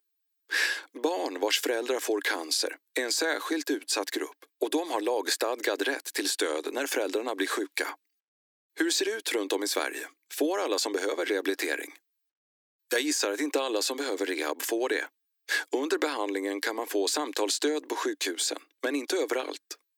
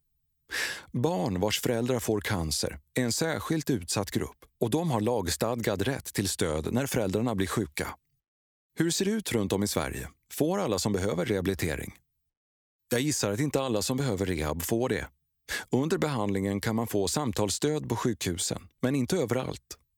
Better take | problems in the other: second | thin; somewhat; fading below 300 Hz

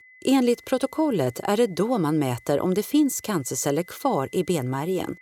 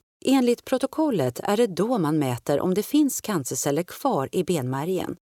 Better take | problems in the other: second | high-pitched whine; faint; throughout; 2 kHz, 25 dB below the speech

